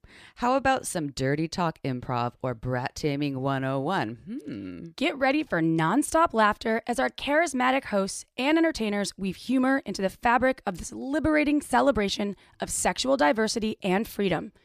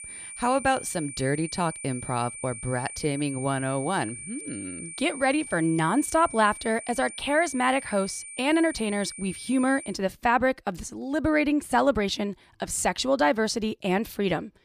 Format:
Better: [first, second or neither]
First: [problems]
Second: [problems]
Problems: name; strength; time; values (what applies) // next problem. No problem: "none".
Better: first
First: none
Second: high-pitched whine; noticeable; until 10 s; 9 kHz, 10 dB below the speech